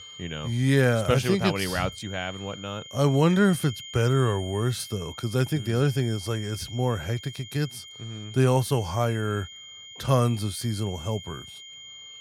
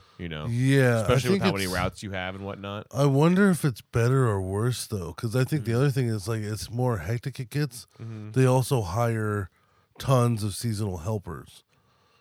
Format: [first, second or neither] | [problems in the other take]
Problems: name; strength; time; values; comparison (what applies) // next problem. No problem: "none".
second | high-pitched whine; noticeable; throughout; 3 kHz, 15 dB below the speech